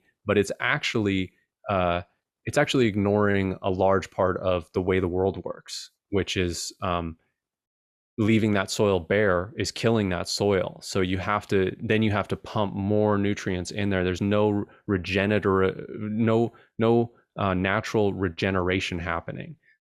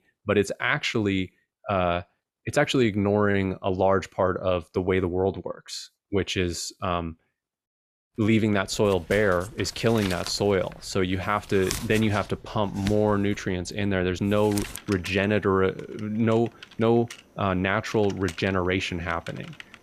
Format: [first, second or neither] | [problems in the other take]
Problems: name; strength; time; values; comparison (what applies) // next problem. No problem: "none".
first | household noises; noticeable; from 8.5 s on; 15 dB below the speech